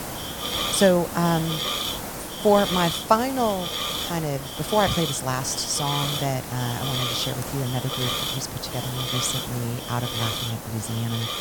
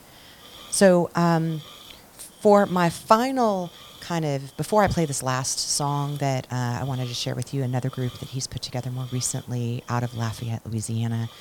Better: second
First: hiss; loud; throughout; 3 dB below the speech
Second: hiss; faint; throughout; 20 dB below the speech

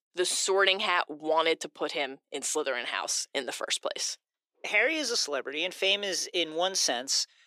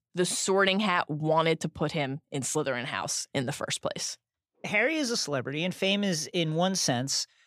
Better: second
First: thin; very; fading below 350 Hz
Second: none

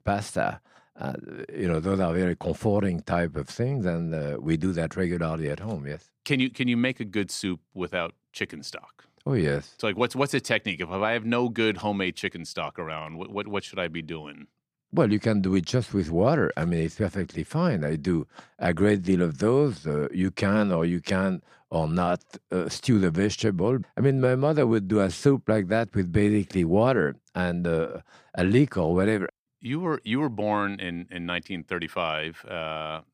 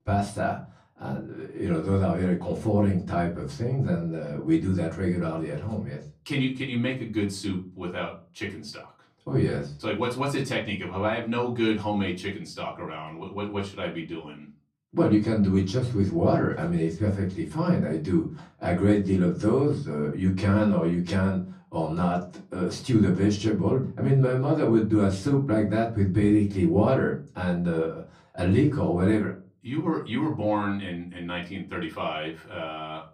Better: first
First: none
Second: off-mic speech; far // room echo; very slight; dies away in 0.3 s

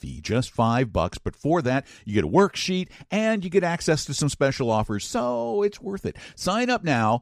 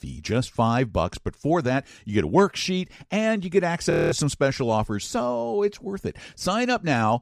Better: first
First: none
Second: audio freezing; at 4 s

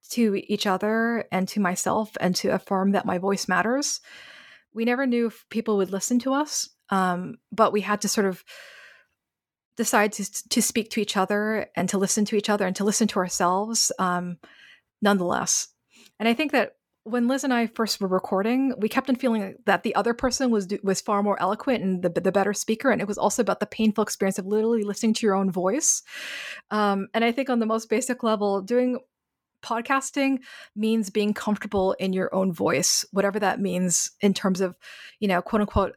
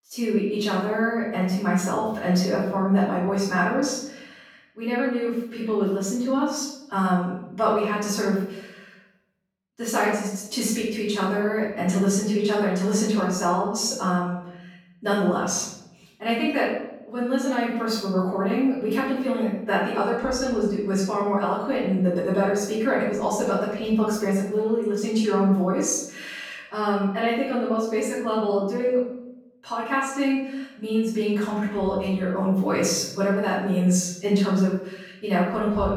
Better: first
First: none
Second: off-mic speech; far // room echo; noticeable; dies away in 0.9 s

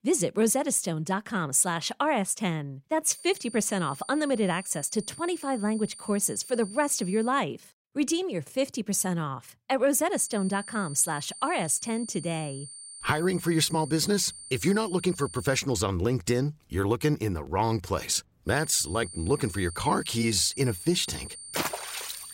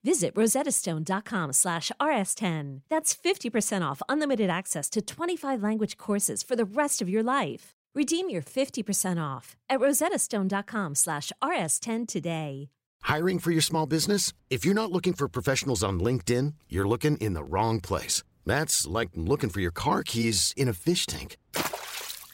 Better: second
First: high-pitched whine; noticeable; from 3 to 7.5 s, from 10 to 16 s and from 19 s on; 9 kHz, 15 dB below the speech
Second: none

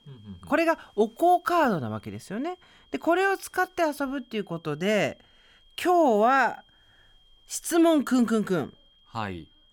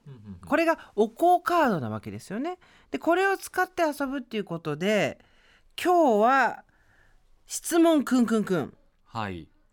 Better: second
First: high-pitched whine; faint; throughout; 3 kHz, 35 dB below the speech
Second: none

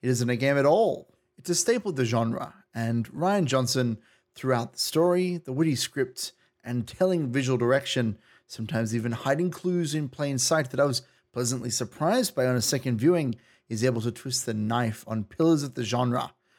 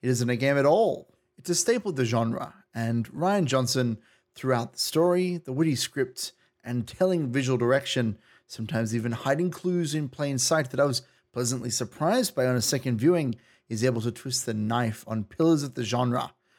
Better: neither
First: none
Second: none

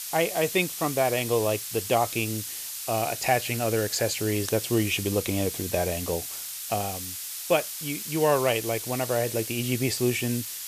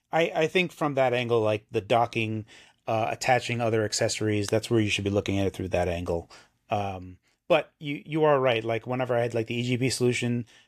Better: second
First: hiss; loud; throughout; 6 dB below the speech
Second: none

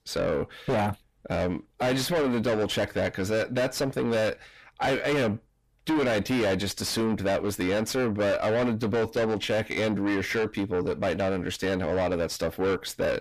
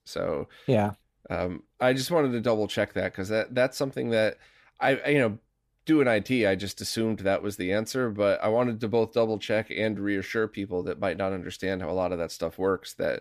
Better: second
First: distortion; heavy; 5 dB below the speech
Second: none

